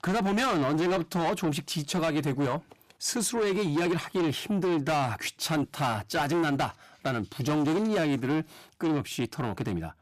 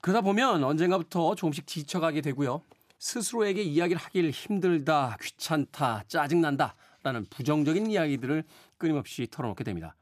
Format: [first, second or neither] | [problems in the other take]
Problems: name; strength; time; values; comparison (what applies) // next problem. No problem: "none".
second | distortion; heavy; 7 dB below the speech